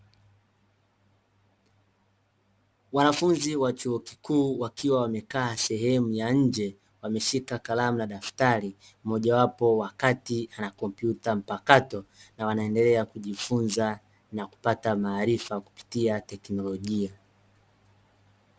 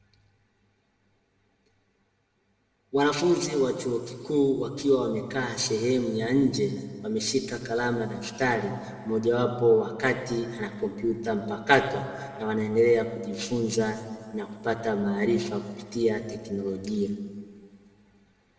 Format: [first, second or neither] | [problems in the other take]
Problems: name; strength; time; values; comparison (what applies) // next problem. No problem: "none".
first | room echo; dies away in 1.7 s